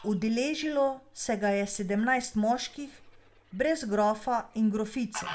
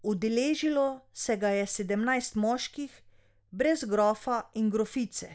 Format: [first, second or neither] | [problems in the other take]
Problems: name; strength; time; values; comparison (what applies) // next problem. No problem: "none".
second | background sound (Fowl); 20 dB below the speech // room echo; dies away in 0.3 s